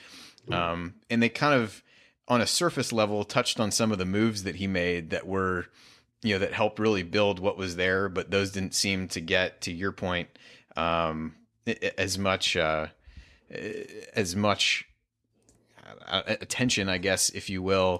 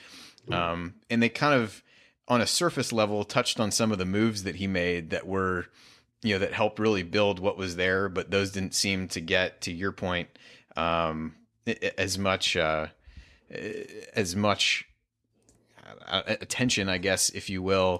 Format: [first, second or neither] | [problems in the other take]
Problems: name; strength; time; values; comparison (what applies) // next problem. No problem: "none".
neither | none